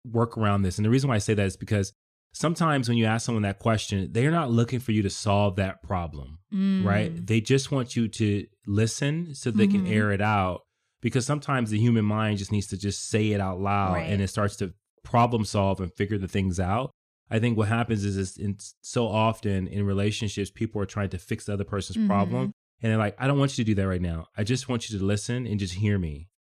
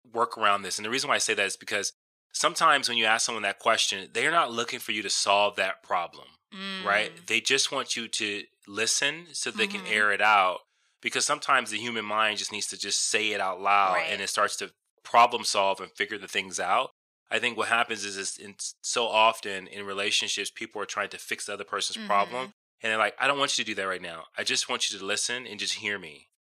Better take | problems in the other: first | thin; very; fading below 800 Hz

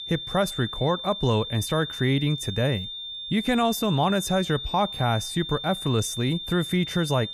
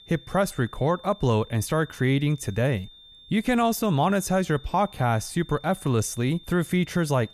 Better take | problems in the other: second | high-pitched whine; loud; throughout; 3.5 kHz, 7 dB below the speech; faint in the second

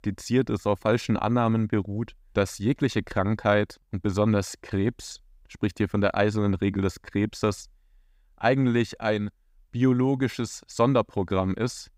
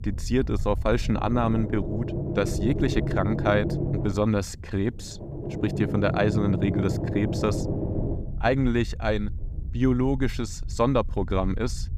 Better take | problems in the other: first | low rumble; loud; throughout; 7 dB below the speech

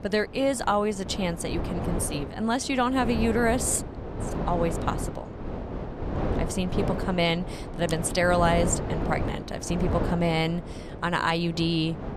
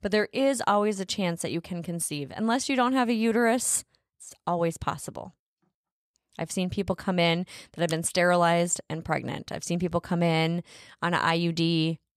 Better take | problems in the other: second | wind noise on the microphone; heavy; 9 dB below the speech

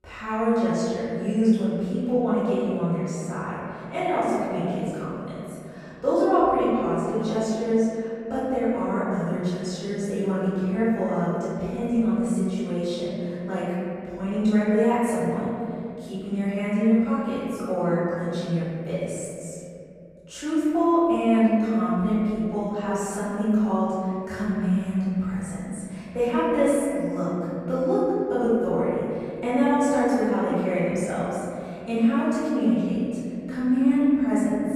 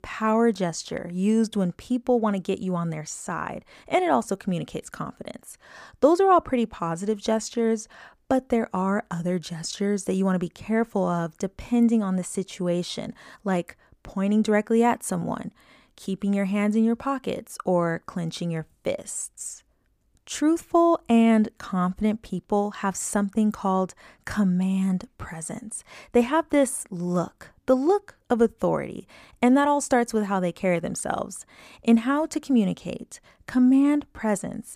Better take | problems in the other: second | off-mic speech; far // room echo; strong; dies away in 2.9 s

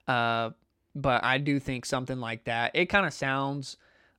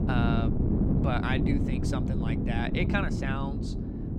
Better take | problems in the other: first | wind noise on the microphone; heavy; 2 dB below the speech

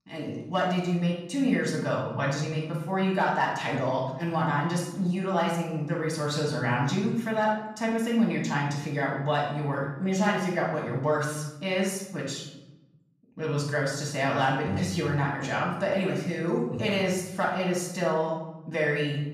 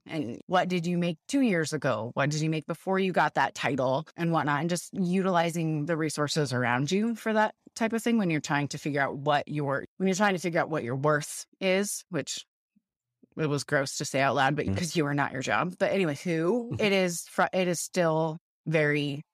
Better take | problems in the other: second | off-mic speech; far // room echo; noticeable; dies away in 0.8 s

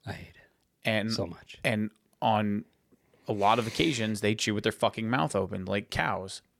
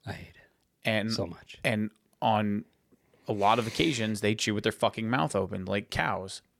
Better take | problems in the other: neither | none

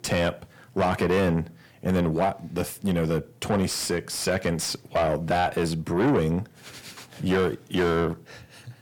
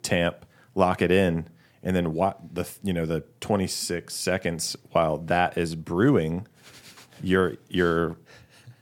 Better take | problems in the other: second | distortion; heavy; 7 dB below the speech

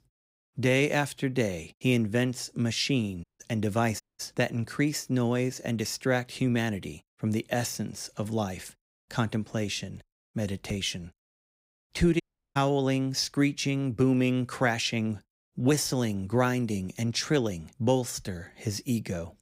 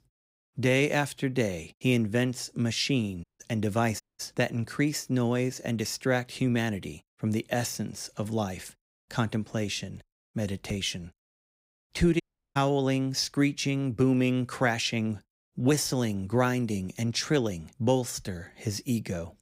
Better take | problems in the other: neither | audio cutting out; at 3 s, at 4 s and at 12 s; the same in both

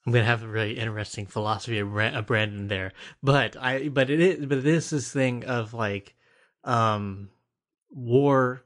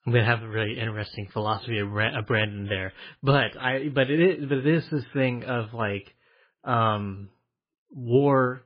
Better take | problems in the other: first | garbled, watery; badly; nothing above 4.5 kHz; slightly in the first

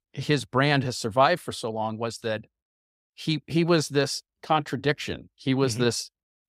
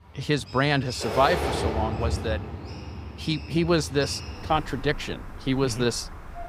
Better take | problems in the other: first | animal sounds; loud; throughout; 7 dB below the speech

